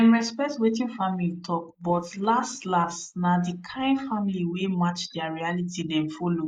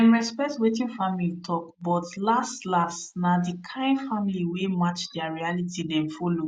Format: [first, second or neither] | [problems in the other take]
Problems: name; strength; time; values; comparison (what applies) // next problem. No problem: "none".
second | noise reduction (neural mask model Resemble Enhance denoiser)